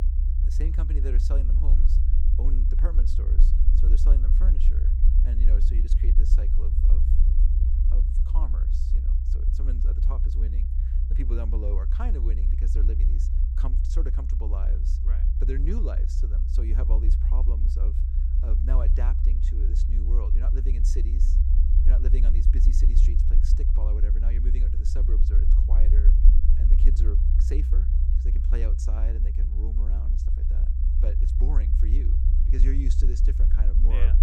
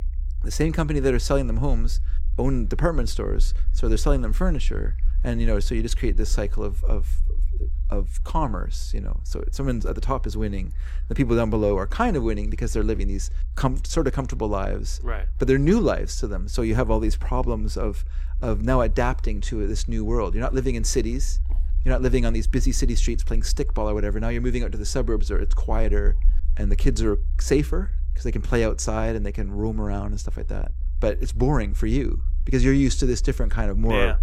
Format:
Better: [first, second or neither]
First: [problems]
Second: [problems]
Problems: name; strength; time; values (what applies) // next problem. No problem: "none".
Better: second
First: low rumble; loud; throughout; 1 dB below the speech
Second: low rumble; faint; throughout; 25 dB below the speech